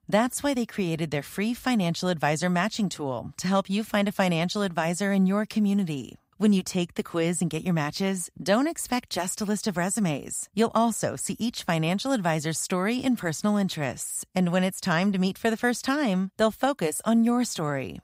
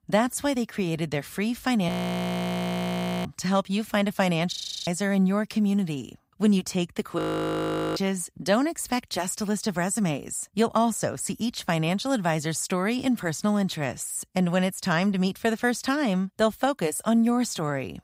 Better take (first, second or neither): first